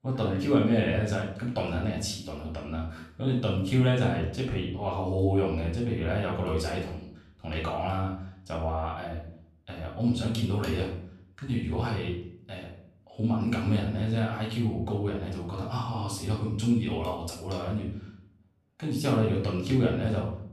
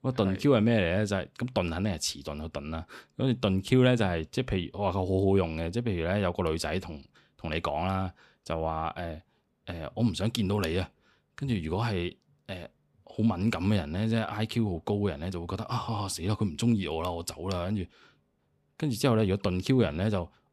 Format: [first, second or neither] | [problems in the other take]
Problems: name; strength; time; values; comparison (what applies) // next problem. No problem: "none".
second | off-mic speech; far // room echo; noticeable; dies away in 0.6 s